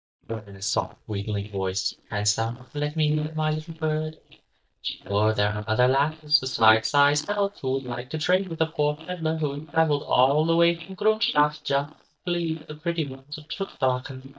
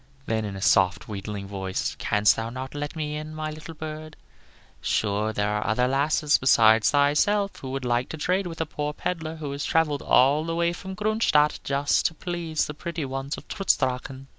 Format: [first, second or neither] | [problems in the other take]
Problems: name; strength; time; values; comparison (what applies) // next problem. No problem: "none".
second | noise reduction (neural mask model DeepFilterNet 3)